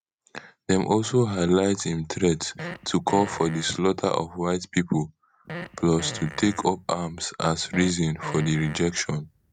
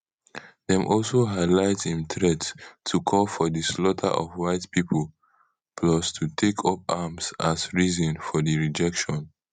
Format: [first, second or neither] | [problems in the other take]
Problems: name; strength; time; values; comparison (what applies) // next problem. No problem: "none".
second | background sound (Fart); 14 dB below the speech